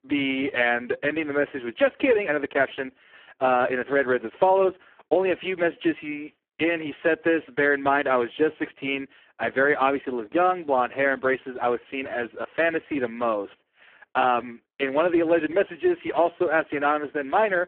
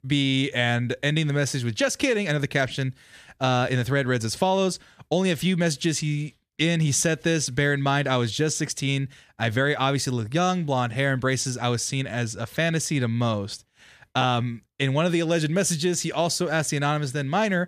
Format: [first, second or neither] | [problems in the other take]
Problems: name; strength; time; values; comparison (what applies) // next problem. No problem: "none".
second | phone-call audio; poor line